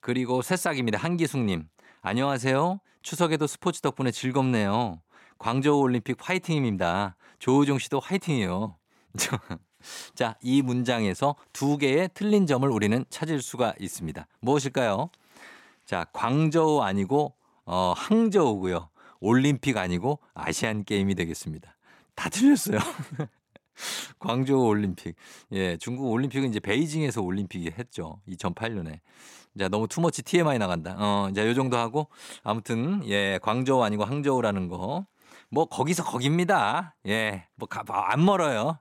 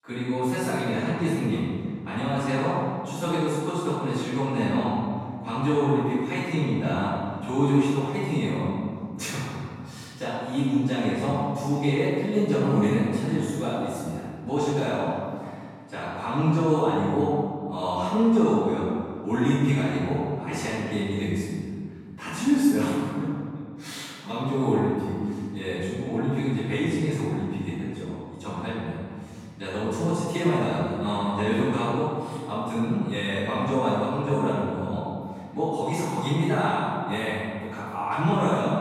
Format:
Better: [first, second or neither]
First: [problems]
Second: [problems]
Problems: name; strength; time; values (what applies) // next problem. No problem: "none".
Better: first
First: none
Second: off-mic speech; far // room echo; strong; dies away in 2 s